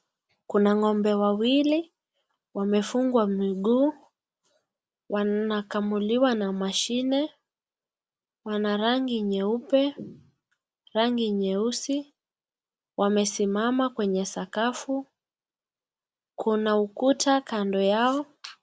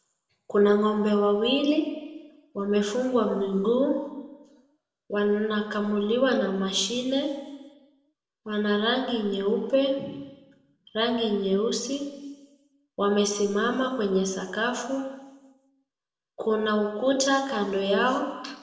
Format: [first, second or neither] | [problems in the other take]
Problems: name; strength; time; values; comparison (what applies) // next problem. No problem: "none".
first | room echo; dies away in 1.1 s